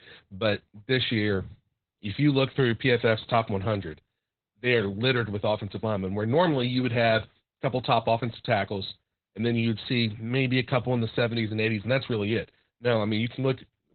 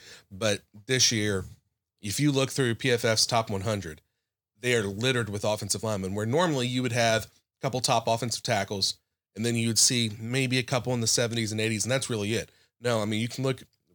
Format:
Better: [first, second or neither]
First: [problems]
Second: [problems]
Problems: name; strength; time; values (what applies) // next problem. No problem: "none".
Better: second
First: garbled, watery; badly; nothing above 4 kHz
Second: none